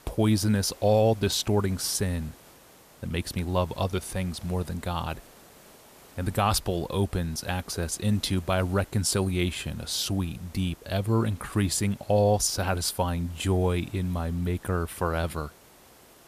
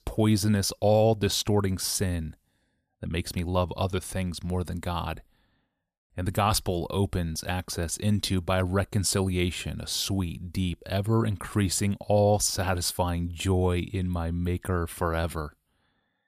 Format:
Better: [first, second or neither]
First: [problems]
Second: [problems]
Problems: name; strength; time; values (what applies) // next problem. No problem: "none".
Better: second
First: hiss; faint; throughout; 25 dB below the speech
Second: none